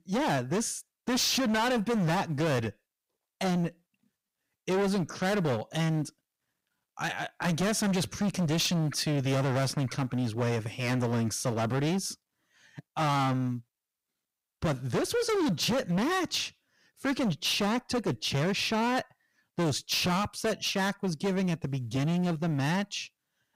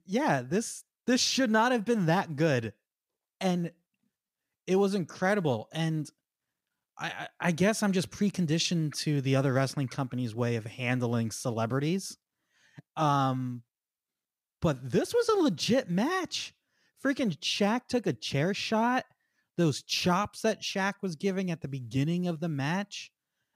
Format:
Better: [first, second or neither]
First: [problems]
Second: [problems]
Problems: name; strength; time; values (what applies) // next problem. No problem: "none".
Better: second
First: distortion; heavy; 21% of the sound clipped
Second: none